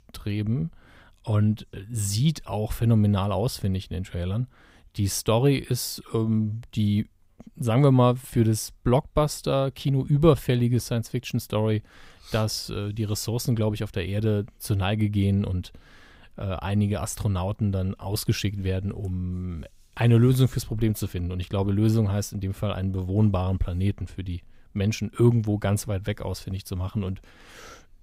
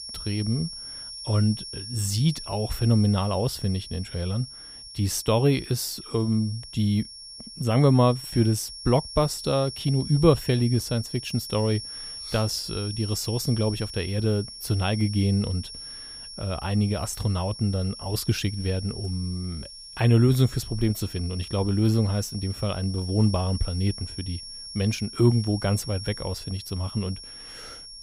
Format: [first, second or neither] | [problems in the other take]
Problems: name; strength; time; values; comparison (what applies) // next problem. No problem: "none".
first | high-pitched whine; noticeable; throughout; 5.5 kHz, 10 dB below the speech